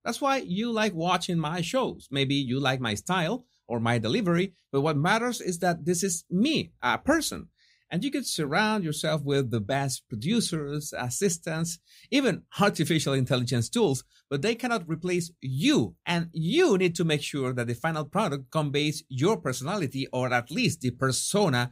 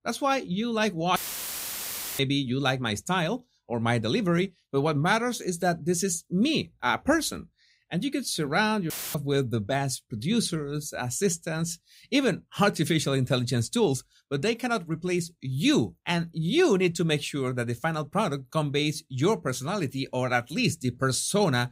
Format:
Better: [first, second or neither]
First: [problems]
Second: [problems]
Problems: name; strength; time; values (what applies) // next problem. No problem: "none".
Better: first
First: none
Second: audio cutting out; filled with static; at 1 s for 1 s and at 9 s